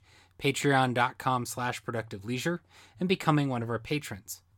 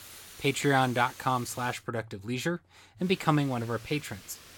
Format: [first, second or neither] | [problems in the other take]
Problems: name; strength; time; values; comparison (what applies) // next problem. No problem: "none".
first | hiss; noticeable; until 2 s and from 3 s on; 20 dB below the speech